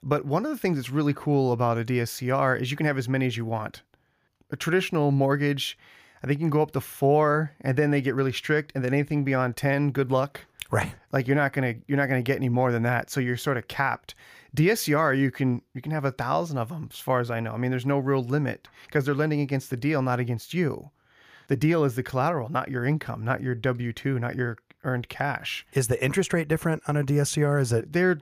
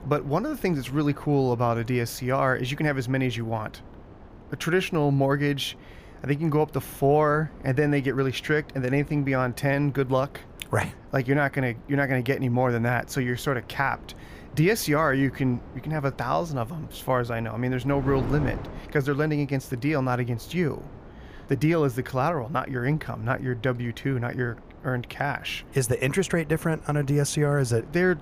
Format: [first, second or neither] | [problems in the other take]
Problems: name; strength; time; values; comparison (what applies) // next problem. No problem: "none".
first | wind noise on the microphone; occasional gusts; 20 dB below the speech